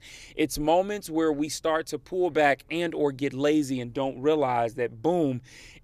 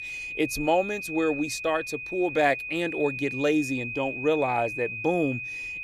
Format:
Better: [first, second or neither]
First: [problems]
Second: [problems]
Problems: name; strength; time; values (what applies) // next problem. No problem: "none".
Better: first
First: none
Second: high-pitched whine; loud; throughout; 2.5 kHz, 6 dB below the speech